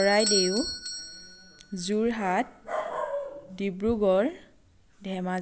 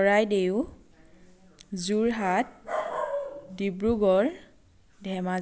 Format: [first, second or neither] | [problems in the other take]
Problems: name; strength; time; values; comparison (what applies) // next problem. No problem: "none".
second | background sound (Bell / Doorbell); 8 dB below the speech